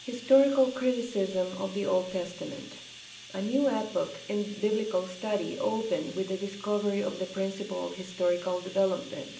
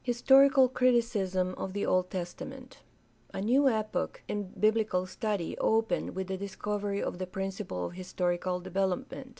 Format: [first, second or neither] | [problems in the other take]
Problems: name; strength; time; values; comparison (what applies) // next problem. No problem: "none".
second | background sound (Bathtub (filling or washing)); 17 dB below the speech // room echo; dies away in 0.5 s